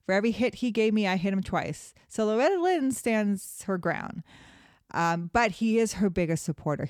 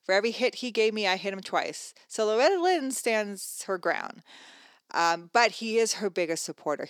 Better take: first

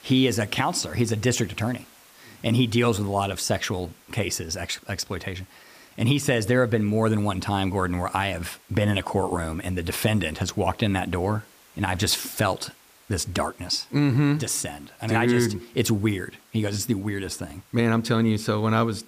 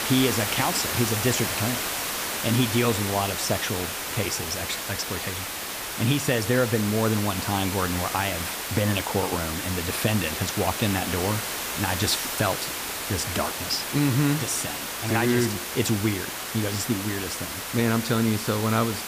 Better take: first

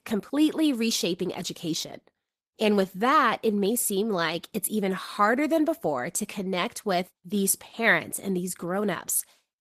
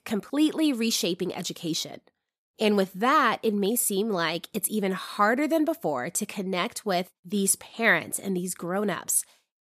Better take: second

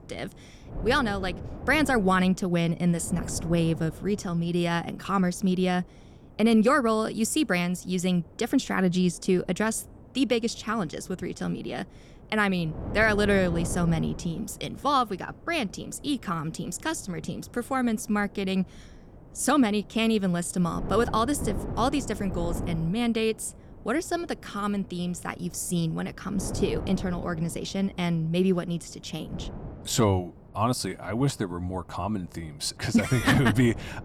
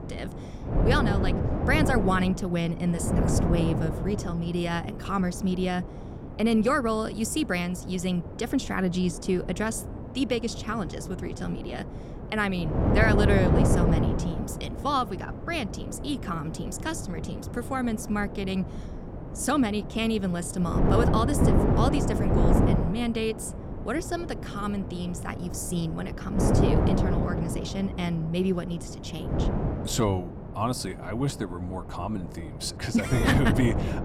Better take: first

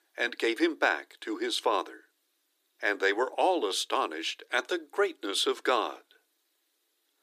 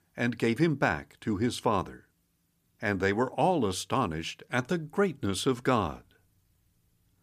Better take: second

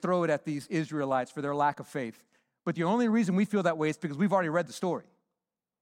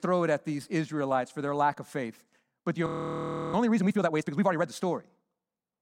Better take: first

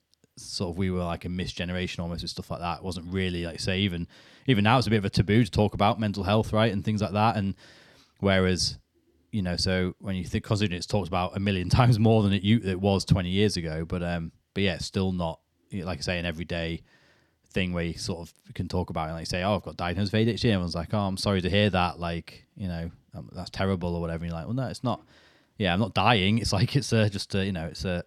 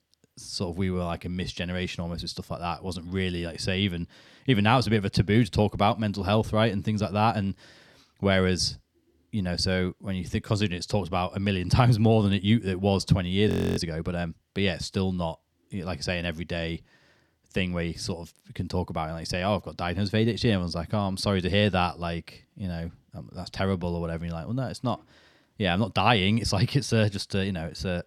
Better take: first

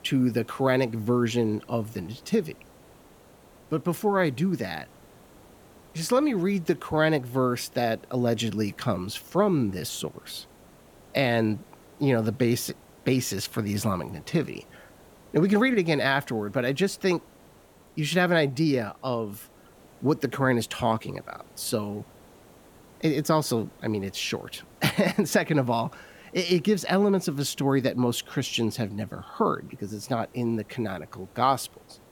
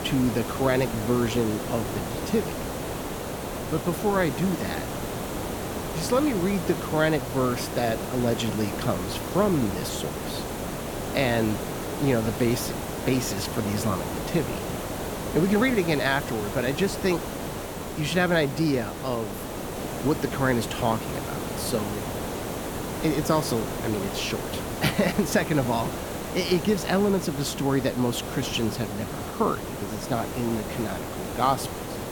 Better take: first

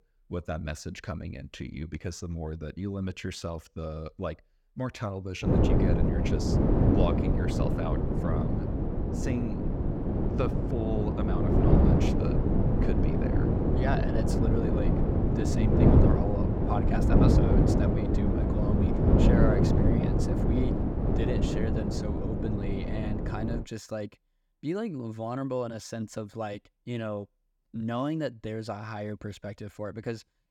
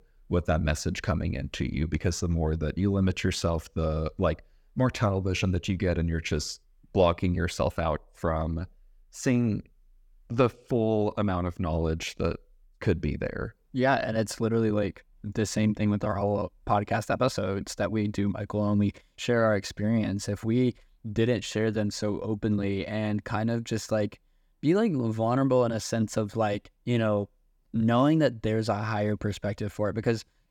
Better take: second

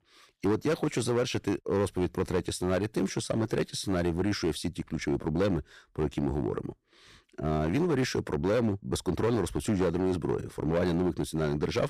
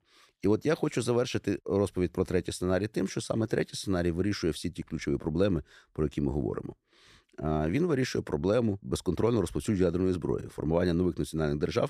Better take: second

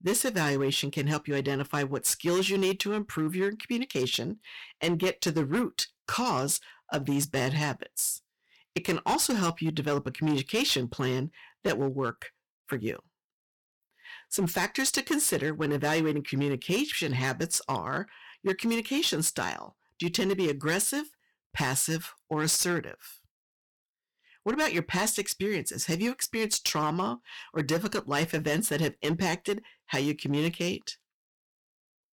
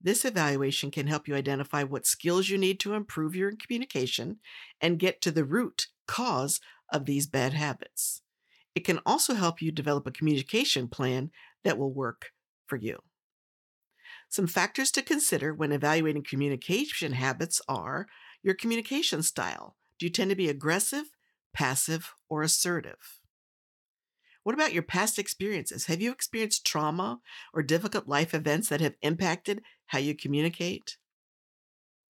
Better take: second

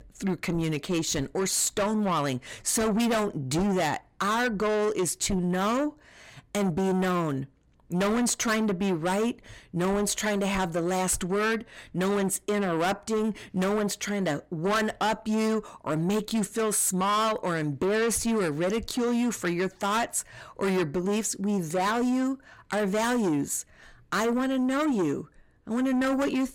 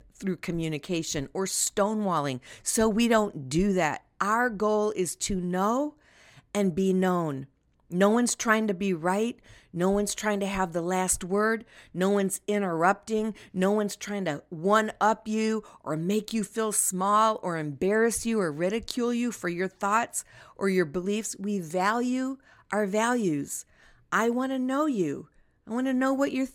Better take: second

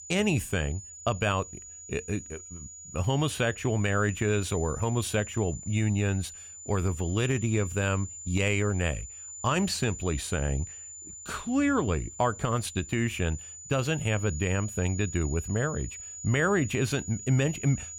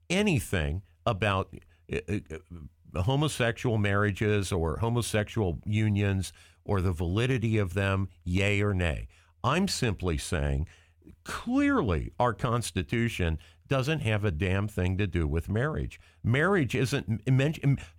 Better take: second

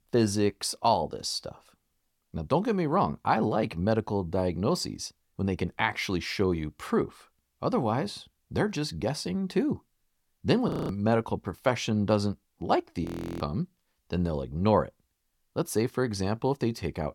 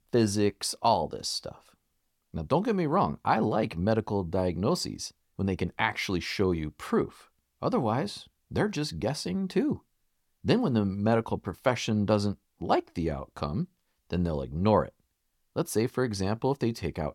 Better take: second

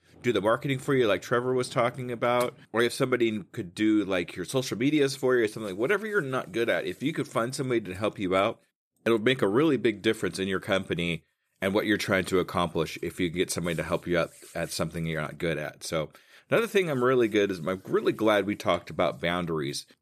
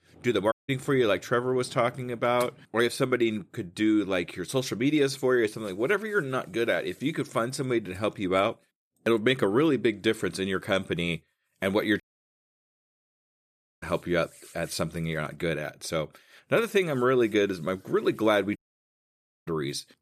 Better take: first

